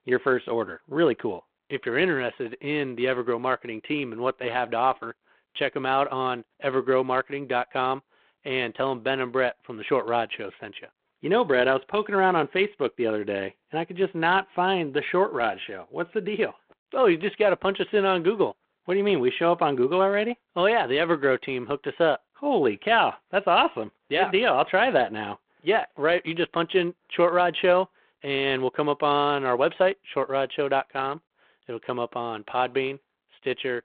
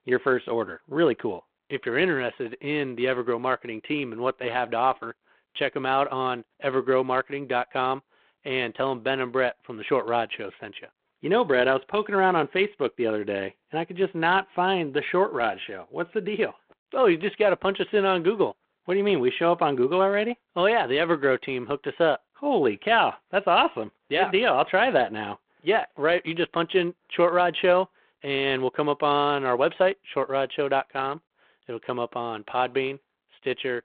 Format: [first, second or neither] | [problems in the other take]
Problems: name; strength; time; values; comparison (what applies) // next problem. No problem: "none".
neither | phone-call audio; the same in both